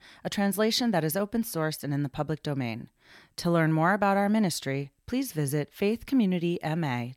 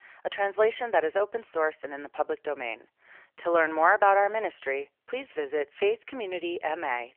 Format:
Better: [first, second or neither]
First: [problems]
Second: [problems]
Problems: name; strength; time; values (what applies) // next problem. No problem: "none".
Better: first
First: none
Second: phone-call audio; nothing above 3 kHz